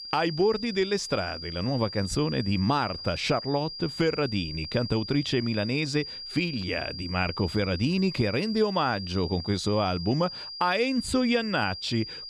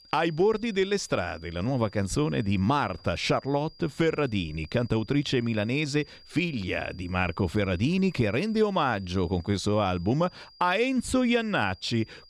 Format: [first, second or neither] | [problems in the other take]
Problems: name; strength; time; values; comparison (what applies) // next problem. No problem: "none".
second | high-pitched whine; loud; throughout; 5 kHz, 9 dB below the speech; faint in the second